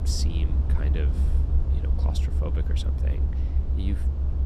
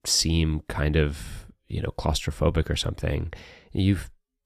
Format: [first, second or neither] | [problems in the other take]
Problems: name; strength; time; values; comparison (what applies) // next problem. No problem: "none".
second | low rumble; loud; throughout; 2 dB below the speech